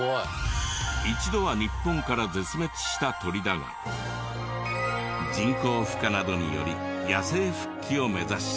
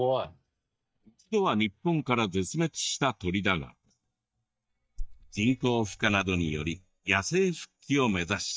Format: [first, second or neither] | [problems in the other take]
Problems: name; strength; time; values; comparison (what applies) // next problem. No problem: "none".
first | noise reduction (neural mask model DeepFilterNet 3)